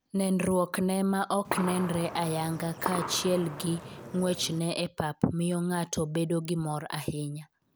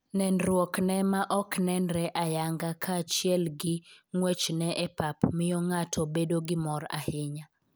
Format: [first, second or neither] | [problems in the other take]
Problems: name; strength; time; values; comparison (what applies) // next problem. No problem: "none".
second | background sound (Gunshot, gunfire); 8 dB below the speech